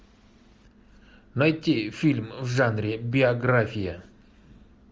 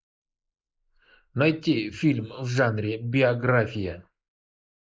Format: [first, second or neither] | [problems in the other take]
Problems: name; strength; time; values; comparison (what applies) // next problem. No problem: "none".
first | noise reduction (neural mask model Resemble Enhance denoiser)